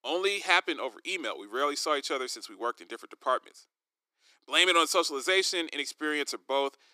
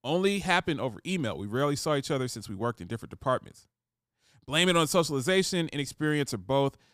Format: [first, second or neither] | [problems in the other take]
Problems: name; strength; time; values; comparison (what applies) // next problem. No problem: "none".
second | thin; very; fading below 300 Hz